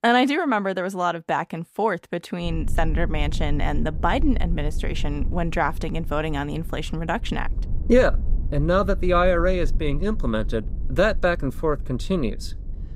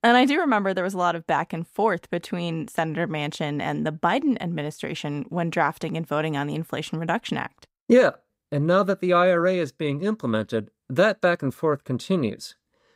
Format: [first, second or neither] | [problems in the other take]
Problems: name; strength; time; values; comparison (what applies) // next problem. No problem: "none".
second | low rumble; faint; from 2.5 s on; 25 dB below the speech